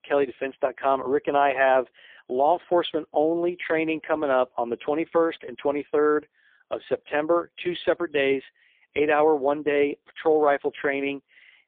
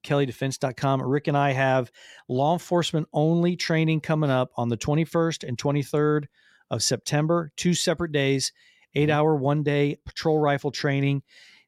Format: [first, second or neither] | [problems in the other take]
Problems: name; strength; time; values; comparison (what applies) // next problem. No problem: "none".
second | phone-call audio; poor line